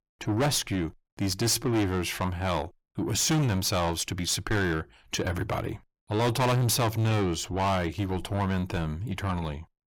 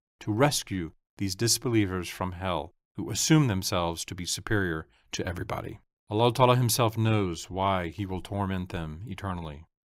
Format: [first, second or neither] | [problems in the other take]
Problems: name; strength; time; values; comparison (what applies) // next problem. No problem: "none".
second | distortion; heavy; 6 dB below the speech